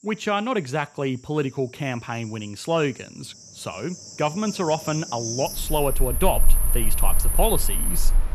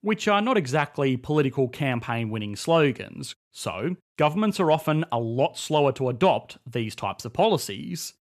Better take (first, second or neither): second